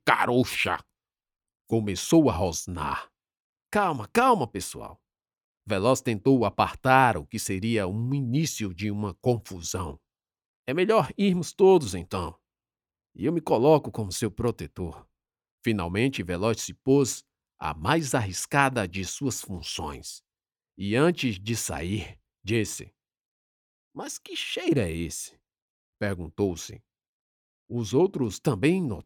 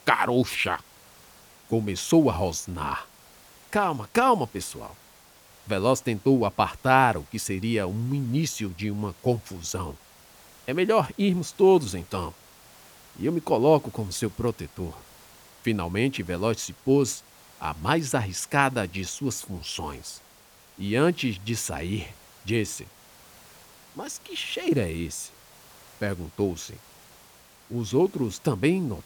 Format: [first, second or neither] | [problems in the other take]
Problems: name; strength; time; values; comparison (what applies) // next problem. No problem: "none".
first | hiss; faint; throughout; 25 dB below the speech